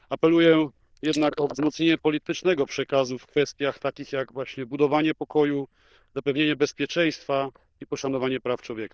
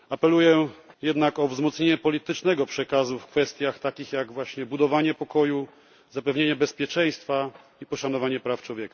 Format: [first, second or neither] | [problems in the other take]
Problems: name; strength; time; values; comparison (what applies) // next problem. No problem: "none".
second | noise reduction (neural diffusion model UNIVERSE++)